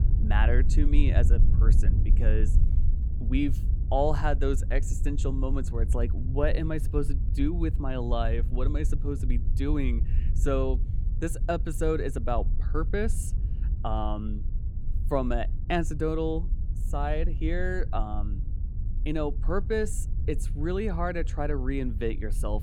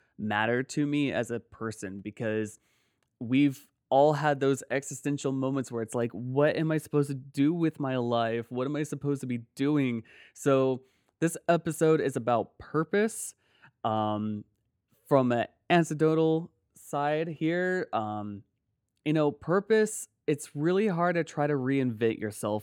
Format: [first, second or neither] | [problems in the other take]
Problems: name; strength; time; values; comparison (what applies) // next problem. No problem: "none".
second | low rumble; noticeable; throughout; 15 dB below the speech